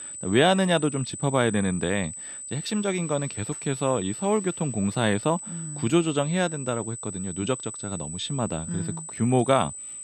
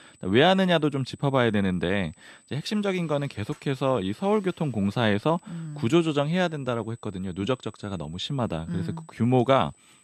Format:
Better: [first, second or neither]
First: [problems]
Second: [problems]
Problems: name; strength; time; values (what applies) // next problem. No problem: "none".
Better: second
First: high-pitched whine; loud; throughout; 8 kHz, 9 dB below the speech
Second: high-pitched whine; faint; throughout; 8 kHz, 30 dB below the speech